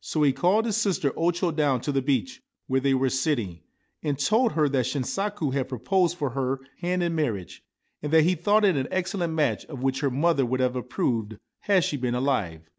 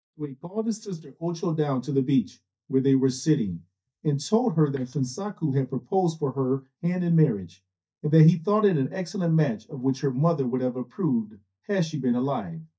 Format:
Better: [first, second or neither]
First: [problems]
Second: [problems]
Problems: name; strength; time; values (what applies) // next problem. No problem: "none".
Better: first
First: none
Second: noise reduction (neural mask model DeepFilterNet 3)